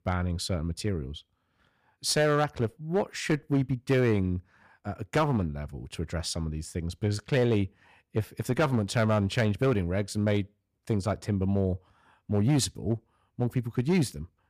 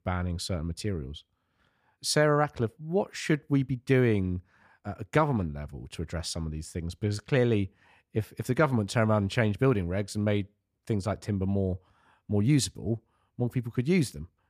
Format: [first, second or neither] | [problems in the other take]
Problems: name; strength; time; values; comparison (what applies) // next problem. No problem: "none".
second | distortion; slight; 5% of the sound clipped